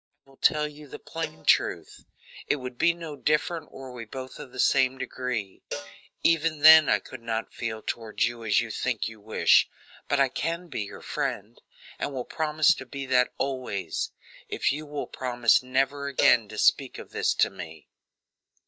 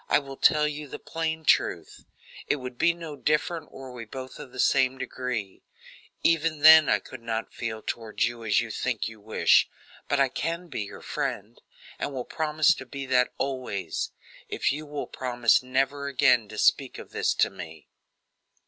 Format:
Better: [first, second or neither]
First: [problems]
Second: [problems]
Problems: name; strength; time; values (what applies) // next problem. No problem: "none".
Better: second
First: noise reduction (neural mask model DeepFilterNet 3)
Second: none